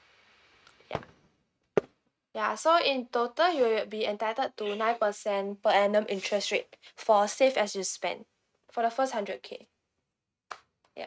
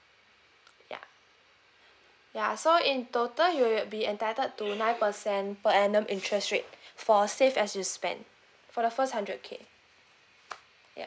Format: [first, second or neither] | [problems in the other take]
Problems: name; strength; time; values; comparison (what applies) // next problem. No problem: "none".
second | noise reduction (neural mask model RNNoise)